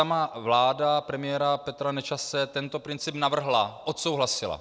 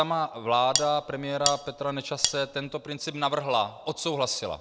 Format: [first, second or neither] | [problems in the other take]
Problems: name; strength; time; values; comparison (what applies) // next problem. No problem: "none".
first | background sound (Cutlery, silverware); 3 dB below the speech